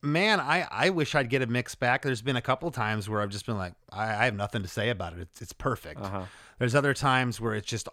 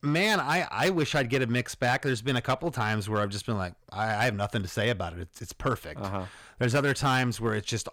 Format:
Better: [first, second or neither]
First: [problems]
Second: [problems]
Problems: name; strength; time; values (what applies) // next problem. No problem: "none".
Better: first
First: none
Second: distortion; slight; 5% of the sound clipped